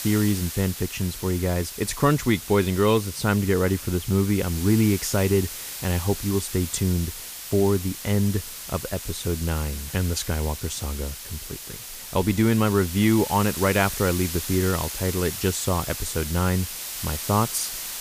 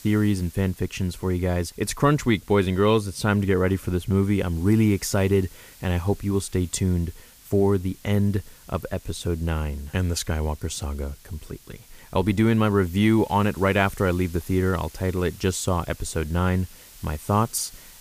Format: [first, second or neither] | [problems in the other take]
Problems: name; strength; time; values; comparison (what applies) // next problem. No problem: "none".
second | hiss; loud; throughout; 8 dB below the speech; faint in the second